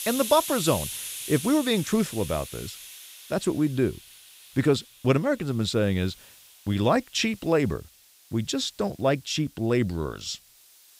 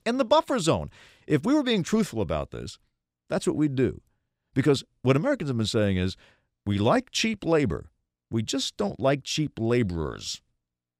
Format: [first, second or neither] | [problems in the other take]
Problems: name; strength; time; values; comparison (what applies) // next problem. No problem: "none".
second | hiss; loud; throughout; 10 dB below the speech